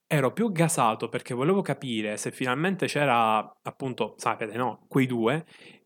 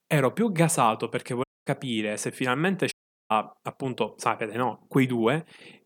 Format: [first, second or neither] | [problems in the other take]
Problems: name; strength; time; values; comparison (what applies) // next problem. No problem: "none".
first | audio cutting out; at 1.5 s and at 3 s